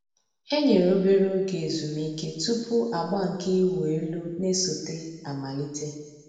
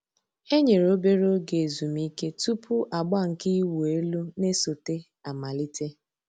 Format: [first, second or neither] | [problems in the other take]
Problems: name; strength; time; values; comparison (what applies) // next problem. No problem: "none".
second | room echo; dies away in 1.3 s